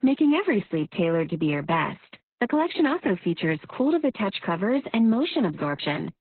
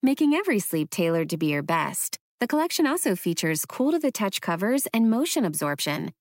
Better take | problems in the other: second | garbled, watery; badly; nothing above 4 kHz

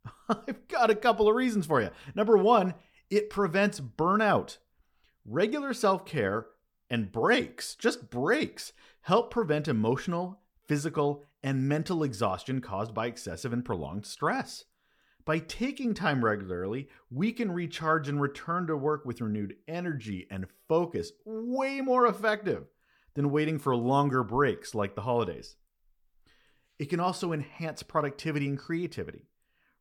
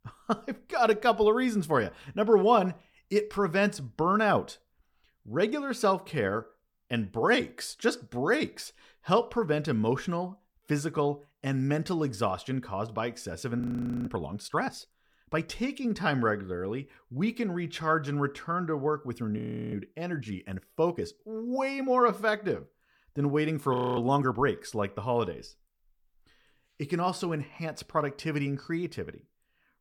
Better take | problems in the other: first | audio freezing; at 14 s, at 19 s and at 24 s

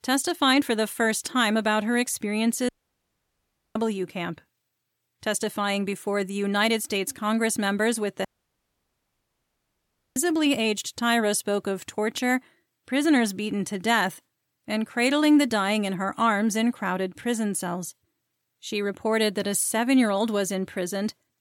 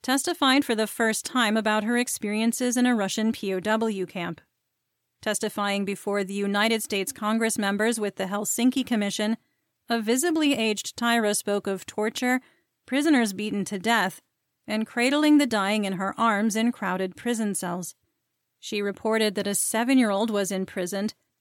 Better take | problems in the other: second | audio cutting out; at 2.5 s for 1 s and at 8.5 s for 2 s

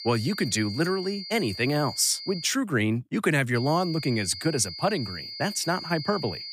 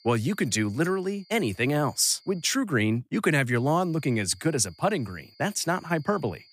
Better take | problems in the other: second | high-pitched whine; loud; until 2.5 s and from 3.5 s on; 5 kHz, 10 dB below the speech; faint in the second

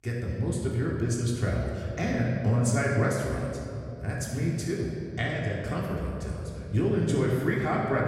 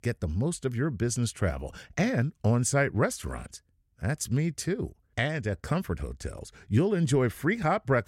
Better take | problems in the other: second | off-mic speech; far // room echo; noticeable; dies away in 2.4 s

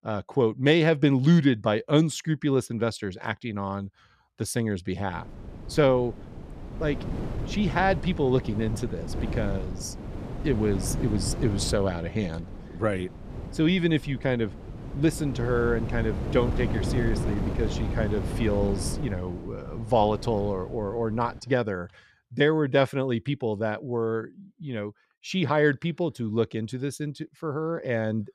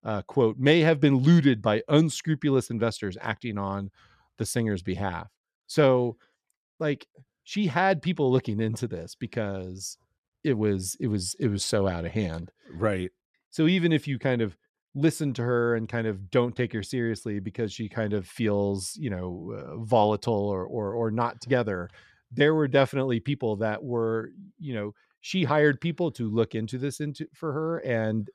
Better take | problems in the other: second | wind noise on the microphone; occasional gusts; from 5 to 21 s; 10 dB below the speech

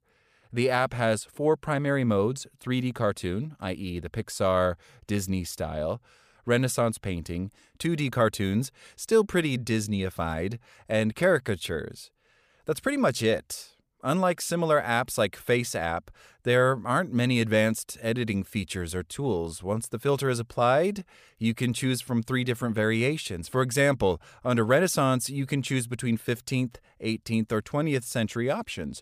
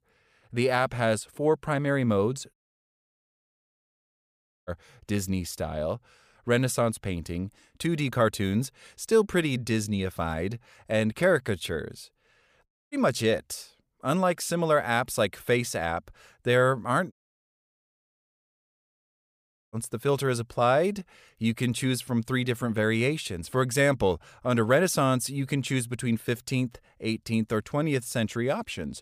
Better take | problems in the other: first | audio cutting out; at 2.5 s for 2 s, at 13 s and at 17 s for 2.5 s

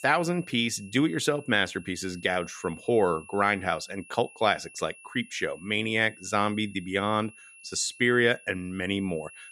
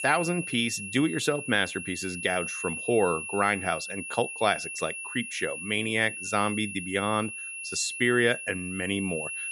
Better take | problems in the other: first | high-pitched whine; loud; throughout; 2.5 kHz, 6 dB below the speech; faint in the first

